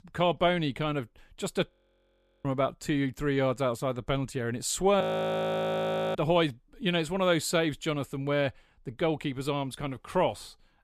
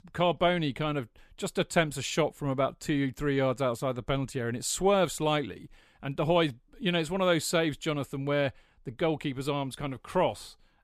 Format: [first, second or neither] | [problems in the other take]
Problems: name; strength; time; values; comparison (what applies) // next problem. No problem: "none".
second | audio freezing; at 1.5 s for 1 s and at 5 s for 1 s